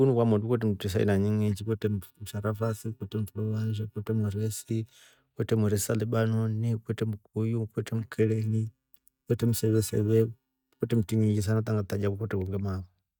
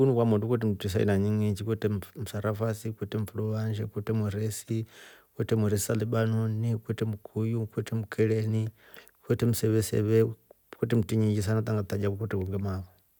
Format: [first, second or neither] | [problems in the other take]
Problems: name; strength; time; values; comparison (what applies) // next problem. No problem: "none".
second | noise reduction (neural mask model DeepFilterNet 3)